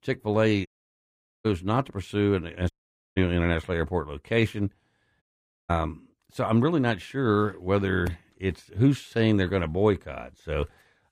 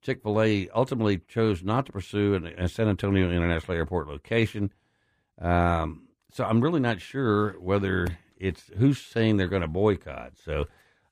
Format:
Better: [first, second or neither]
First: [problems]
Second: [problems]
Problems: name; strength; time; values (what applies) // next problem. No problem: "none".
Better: second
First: audio cutting out; at 0.5 s for 1 s, at 2.5 s and at 5 s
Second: none